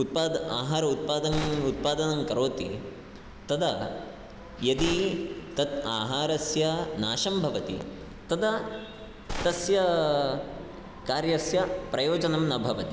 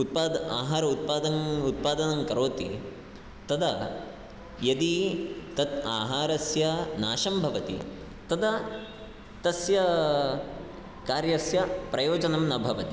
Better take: second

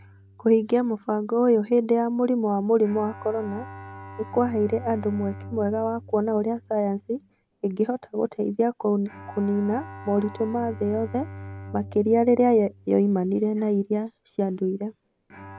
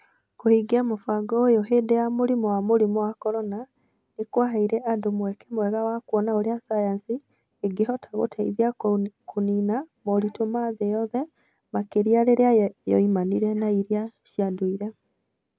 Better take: second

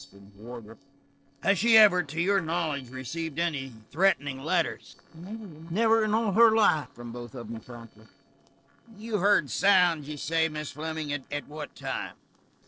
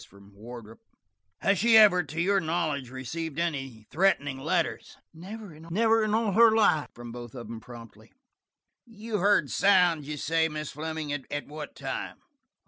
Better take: second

